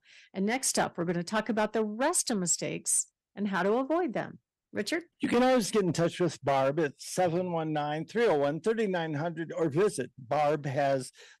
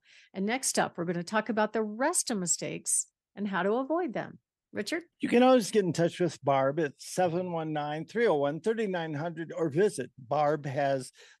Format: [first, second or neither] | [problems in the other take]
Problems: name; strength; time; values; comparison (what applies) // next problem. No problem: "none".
second | distortion; slight; 6% of the sound clipped